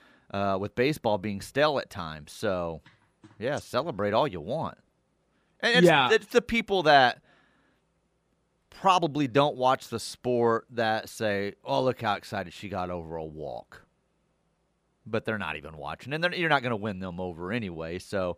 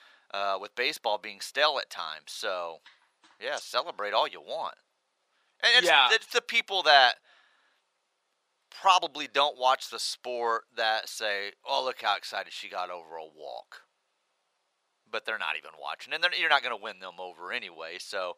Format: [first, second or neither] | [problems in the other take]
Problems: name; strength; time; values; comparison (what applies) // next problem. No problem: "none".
first | thin; very; fading below 800 Hz